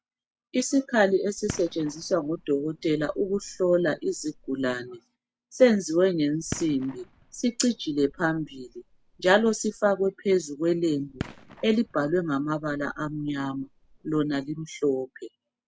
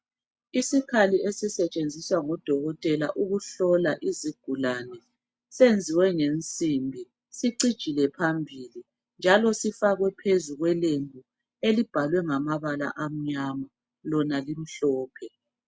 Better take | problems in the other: second | background sound (Fireworks); 19 dB below the speech

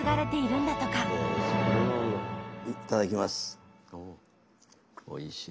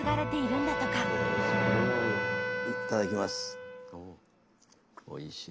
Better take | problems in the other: first | background sound (Wind instrument, woodwind instrument); 3 dB below the speech

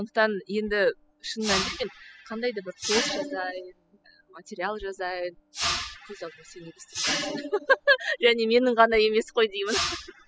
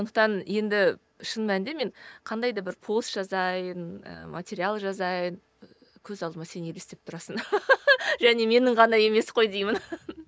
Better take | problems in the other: second | noise reduction (classical method spectral subtraction)

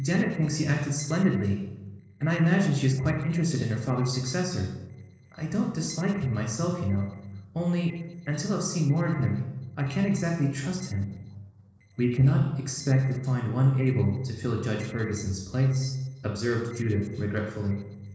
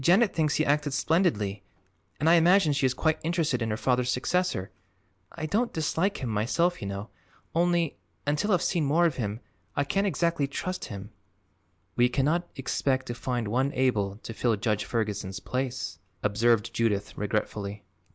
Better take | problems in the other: second | noise reduction (neural separator model SepFormer DNS4)

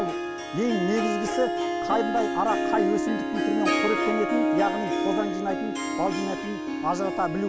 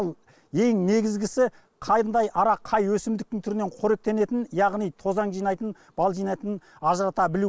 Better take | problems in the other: second | background sound (Harp); 2 dB above the speech

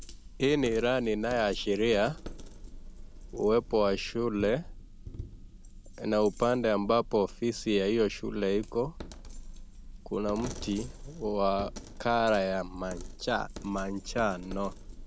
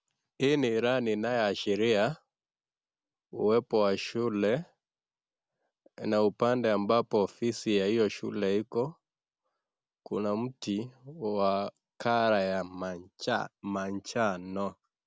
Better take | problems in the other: second | background sound (Coin (dropping)); 12 dB below the speech

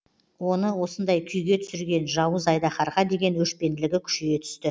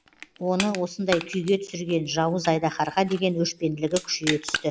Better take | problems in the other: first | background sound (Crushing); 11 dB below the speech

